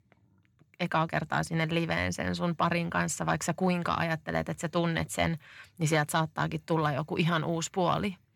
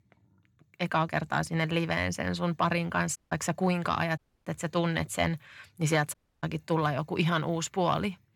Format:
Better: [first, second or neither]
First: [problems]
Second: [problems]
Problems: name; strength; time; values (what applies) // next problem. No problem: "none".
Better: first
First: none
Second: audio cutting out; at 3 s, at 4 s and at 6 s